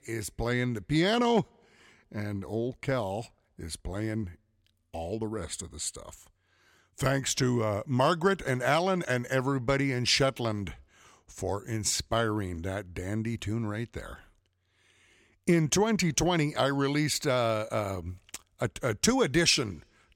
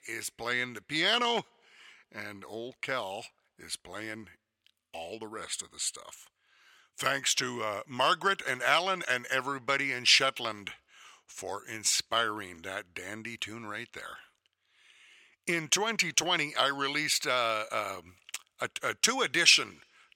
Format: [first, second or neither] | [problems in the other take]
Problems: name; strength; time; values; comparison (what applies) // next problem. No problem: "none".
first | thin; somewhat; fading below 1 kHz